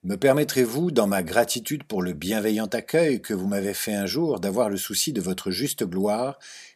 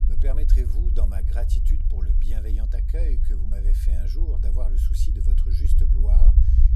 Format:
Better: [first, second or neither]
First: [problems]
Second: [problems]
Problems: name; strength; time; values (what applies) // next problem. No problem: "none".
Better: first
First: none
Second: low rumble; loud; throughout; 1 dB below the speech